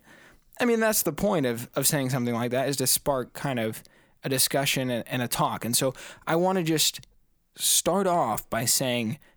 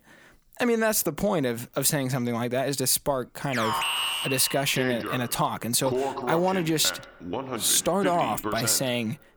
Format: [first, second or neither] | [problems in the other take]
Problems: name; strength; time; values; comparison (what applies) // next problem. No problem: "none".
first | alarm; loud; from 3.5 s on; peak level with the speech